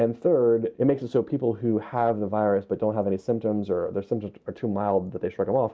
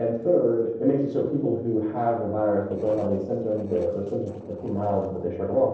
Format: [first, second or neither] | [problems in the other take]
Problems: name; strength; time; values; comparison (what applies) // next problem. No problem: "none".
first | noise reduction (neural separator model SepFormer DNS4)